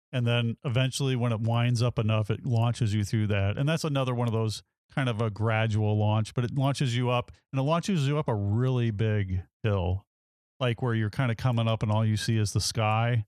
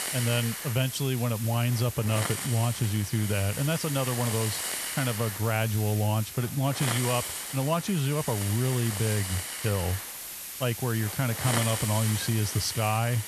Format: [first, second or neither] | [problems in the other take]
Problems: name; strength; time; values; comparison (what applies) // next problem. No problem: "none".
first | hiss; loud; throughout; 4 dB below the speech